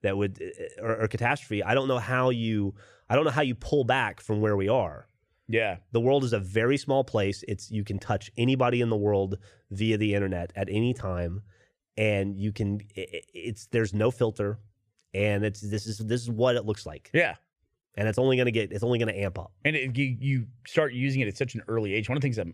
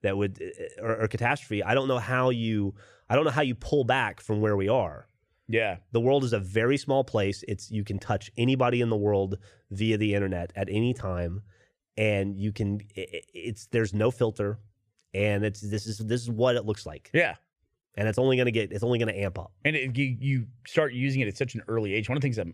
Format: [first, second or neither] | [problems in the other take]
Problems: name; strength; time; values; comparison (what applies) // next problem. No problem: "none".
neither | none